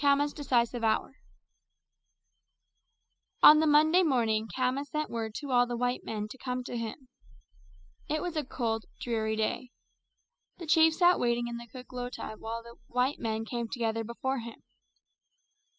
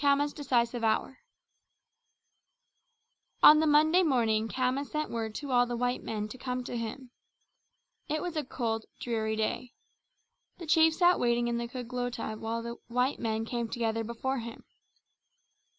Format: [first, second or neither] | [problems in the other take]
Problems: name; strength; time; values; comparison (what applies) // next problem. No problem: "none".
second | noise reduction (classical method spectral subtraction)